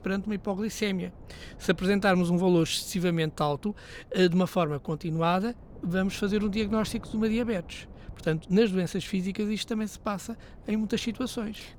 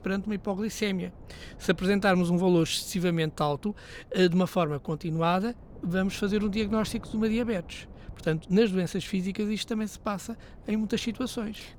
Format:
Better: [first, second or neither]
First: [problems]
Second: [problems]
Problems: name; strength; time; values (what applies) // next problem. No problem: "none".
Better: neither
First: wind noise on the microphone; occasional gusts; 25 dB below the speech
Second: wind noise on the microphone; occasional gusts; 25 dB below the speech